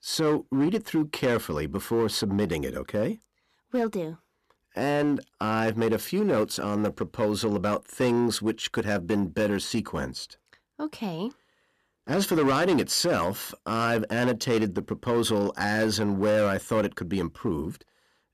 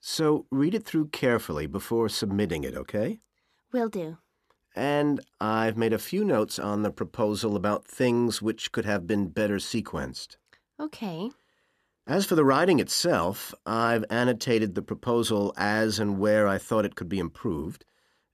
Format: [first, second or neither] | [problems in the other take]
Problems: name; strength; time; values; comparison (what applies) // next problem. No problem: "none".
second | distortion; slight; 6% of the sound clipped